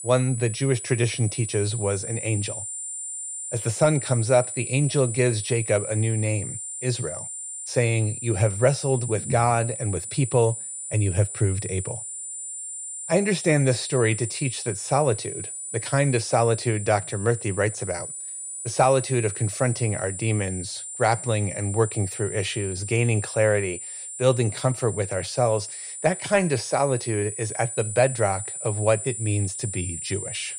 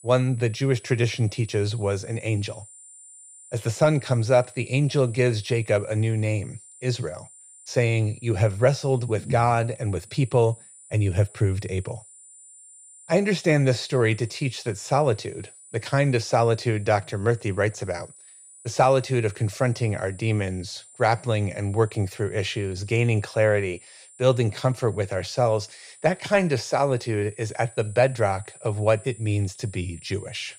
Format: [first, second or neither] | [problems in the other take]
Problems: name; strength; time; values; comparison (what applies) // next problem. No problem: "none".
second | high-pitched whine; loud; throughout; 9 kHz, 7 dB below the speech; faint in the second